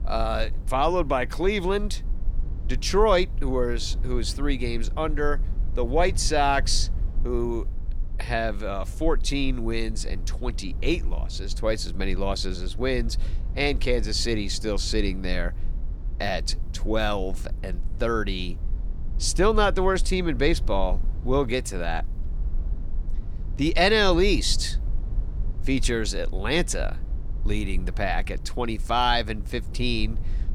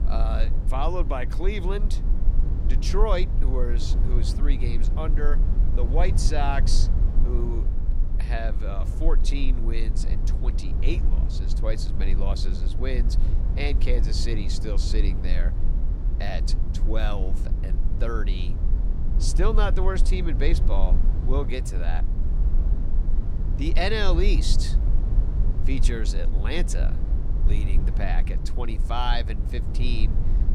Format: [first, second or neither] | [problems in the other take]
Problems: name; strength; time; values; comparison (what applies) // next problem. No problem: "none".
first | low rumble; loud; throughout; 10 dB below the speech; faint in the first